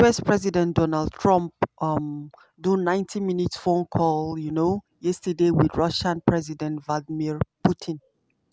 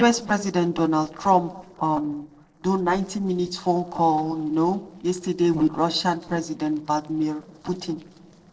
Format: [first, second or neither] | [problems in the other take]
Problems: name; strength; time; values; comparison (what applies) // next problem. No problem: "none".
first | noise reduction (neural separator model SepFormer DNS4)